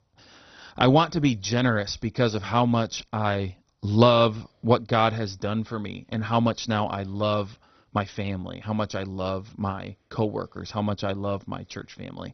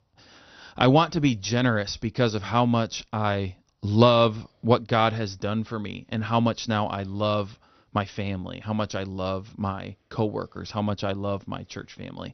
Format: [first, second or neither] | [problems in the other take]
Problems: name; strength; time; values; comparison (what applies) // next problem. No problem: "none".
second | garbled, watery; badly; nothing above 6 kHz; slightly in the second